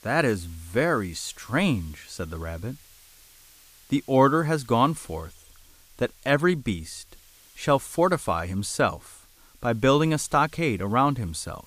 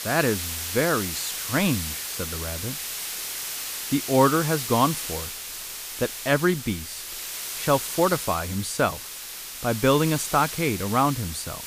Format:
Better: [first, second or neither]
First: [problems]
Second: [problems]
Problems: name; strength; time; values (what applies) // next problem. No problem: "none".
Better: first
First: hiss; faint; throughout; 25 dB below the speech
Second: hiss; loud; throughout; 6 dB below the speech